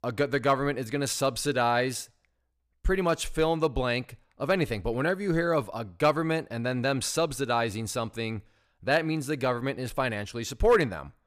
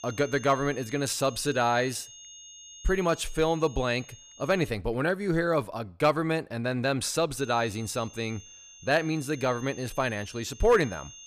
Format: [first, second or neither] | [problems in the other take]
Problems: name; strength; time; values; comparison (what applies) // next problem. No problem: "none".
first | high-pitched whine; noticeable; until 4.5 s and from 7.5 s on; 6.5 kHz, 20 dB below the speech